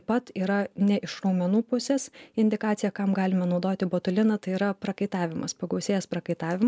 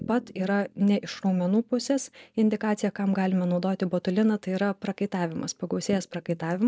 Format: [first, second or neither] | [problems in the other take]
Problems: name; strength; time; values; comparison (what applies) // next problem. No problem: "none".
first | noise reduction (neural mask model DeepFilterNet 3)